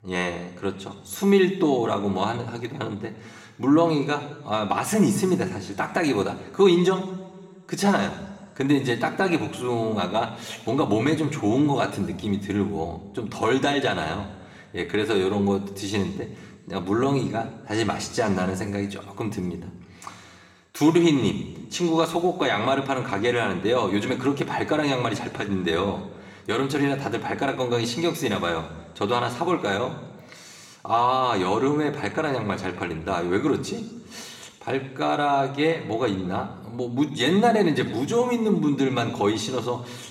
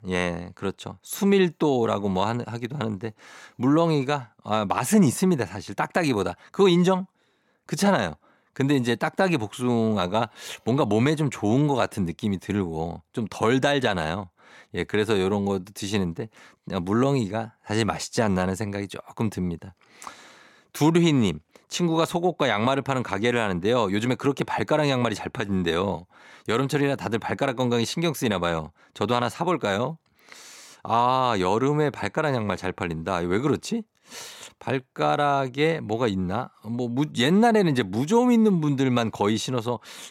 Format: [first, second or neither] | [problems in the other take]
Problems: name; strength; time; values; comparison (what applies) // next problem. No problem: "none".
second | room echo; slight; dies away in 1.3 s